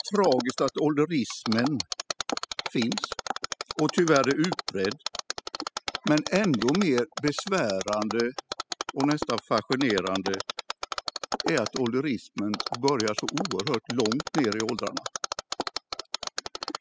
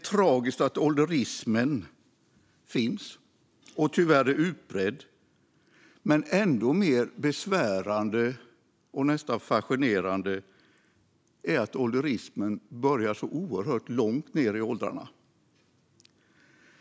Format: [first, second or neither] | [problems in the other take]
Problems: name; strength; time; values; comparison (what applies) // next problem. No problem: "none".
second | noise reduction (classical method spectral subtraction)